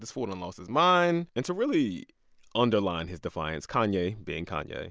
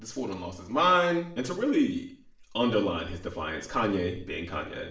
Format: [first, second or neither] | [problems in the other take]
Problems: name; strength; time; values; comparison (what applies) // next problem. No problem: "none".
first | room echo; dies away in 0.5 s